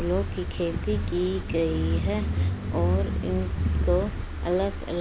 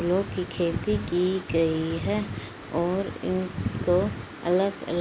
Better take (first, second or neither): second